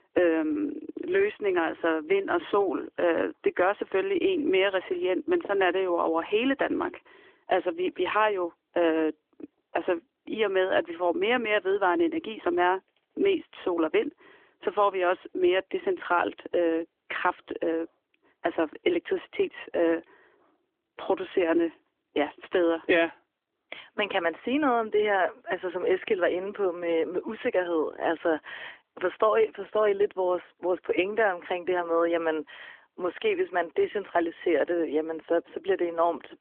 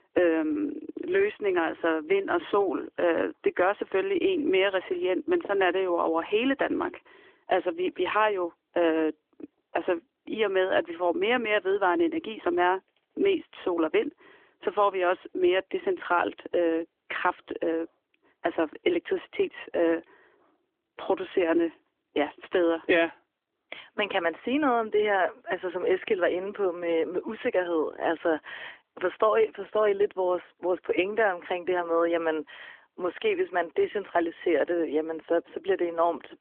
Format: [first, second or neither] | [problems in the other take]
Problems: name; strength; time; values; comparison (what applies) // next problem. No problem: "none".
neither | phone-call audio; the same in both